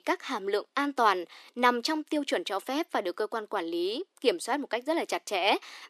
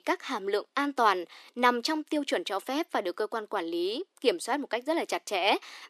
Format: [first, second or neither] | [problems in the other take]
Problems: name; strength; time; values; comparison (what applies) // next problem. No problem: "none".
neither | thin; somewhat; fading below 300 Hz; the same in both